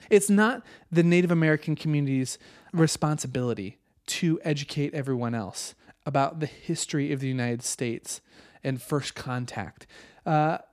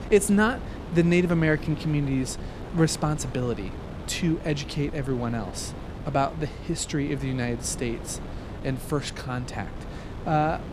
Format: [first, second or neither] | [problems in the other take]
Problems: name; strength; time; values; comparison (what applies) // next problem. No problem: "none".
first | wind noise on the microphone; occasional gusts; 15 dB below the speech